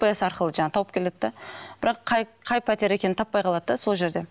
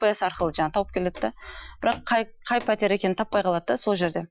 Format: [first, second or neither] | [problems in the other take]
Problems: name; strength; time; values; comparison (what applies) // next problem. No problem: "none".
first | noise reduction (classical method Wiener filter)